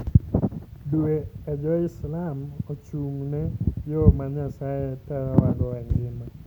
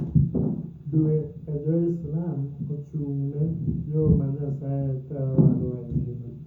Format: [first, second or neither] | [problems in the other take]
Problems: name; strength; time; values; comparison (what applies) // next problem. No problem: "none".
first | room echo; dies away in 0.6 s